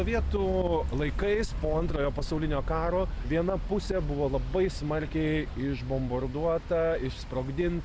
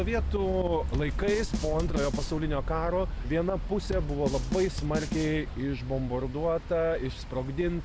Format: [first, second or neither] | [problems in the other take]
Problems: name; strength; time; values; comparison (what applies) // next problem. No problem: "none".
first | background sound (Drum kit); 8 dB below the speech